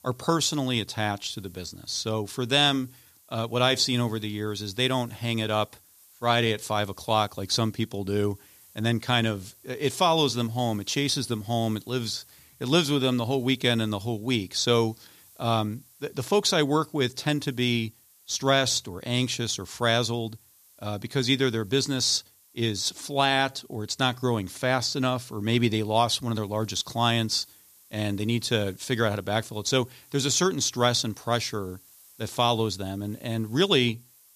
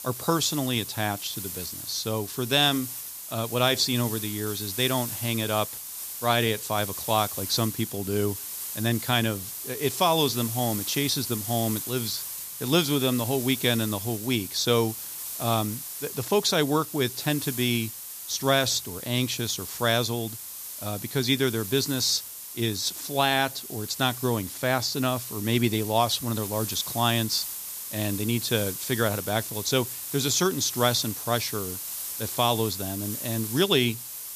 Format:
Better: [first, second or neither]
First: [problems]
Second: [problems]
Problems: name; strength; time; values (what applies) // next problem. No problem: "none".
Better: first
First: hiss; faint; throughout; 25 dB below the speech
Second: hiss; loud; throughout; 7 dB below the speech